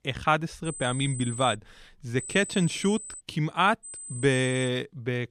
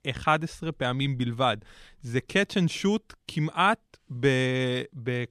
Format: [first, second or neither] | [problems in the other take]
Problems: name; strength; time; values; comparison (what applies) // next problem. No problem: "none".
second | high-pitched whine; noticeable; at 0.5 s, from 2 to 3 s and at 4 s; 8 kHz, 10 dB below the speech